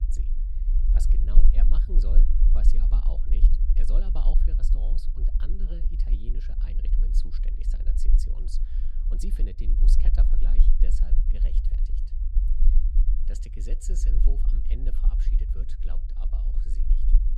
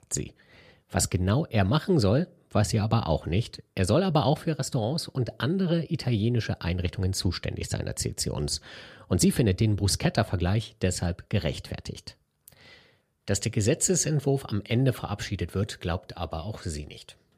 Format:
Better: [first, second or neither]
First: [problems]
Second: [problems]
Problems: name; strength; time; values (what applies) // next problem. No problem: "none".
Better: second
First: low rumble; loud; throughout; 2 dB below the speech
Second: none